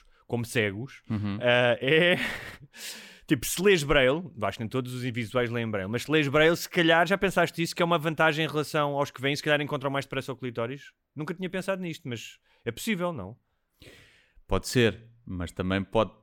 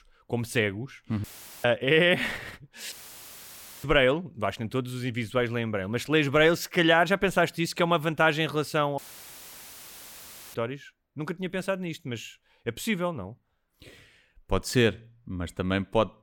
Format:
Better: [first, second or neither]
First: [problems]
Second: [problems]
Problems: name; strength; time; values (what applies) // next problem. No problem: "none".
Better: first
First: none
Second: audio cutting out; filled with static; at 1 s, at 3 s for 1 s and at 9 s for 1.5 s